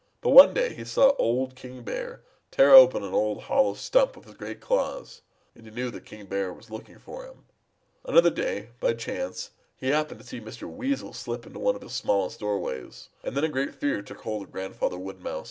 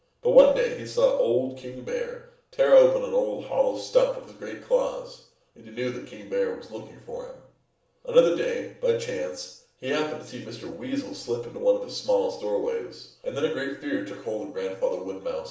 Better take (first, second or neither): first